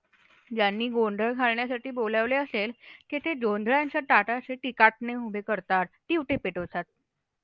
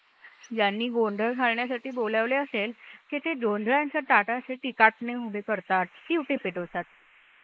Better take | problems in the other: first | noise reduction (neural mask model Resemble Enhance denoiser)

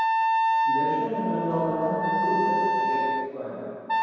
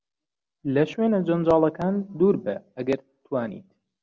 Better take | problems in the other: second | background sound (Wind instrument, woodwind instrument); 5 dB above the speech // room echo; dies away in 2.2 s

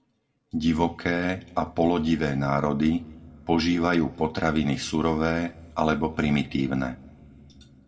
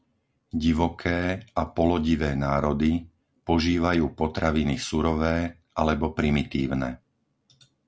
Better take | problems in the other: second | room echo; dies away in 1.7 s

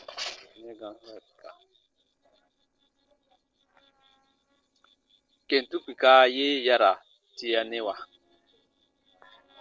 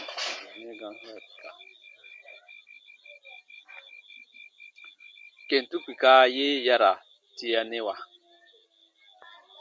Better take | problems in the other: second | noise reduction (neural separator model SepFormer DNS4)

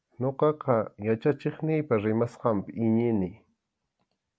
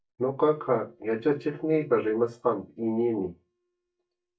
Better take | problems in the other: first | noise reduction (neural mask model DeepFilterNet 3)

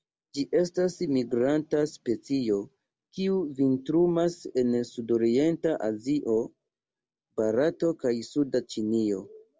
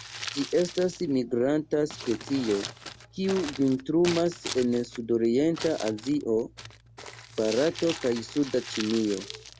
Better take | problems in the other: first | background sound (Crumpling, crinkling); 13 dB below the speech

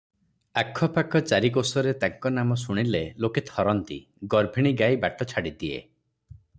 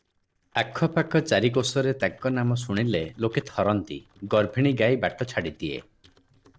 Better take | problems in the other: first | noise reduction (neural separator model SepFormer DNS4)

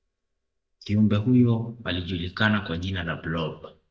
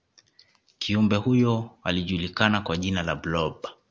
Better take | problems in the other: second | noise reduction (neural mask model DeepFilterNet 3)

